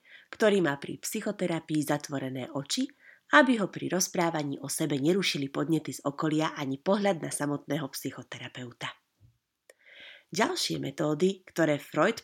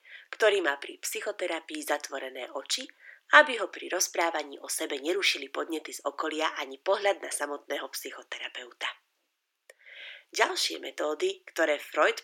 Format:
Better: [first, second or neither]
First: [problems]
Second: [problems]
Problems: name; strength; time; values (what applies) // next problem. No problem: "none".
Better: first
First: none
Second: thin; very; fading below 350 Hz